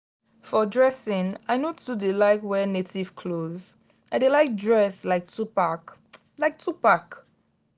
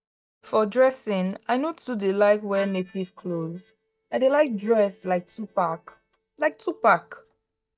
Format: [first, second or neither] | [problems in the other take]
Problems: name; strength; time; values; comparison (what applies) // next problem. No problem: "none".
first | noise reduction (neural mask model DeepFilterNet 3)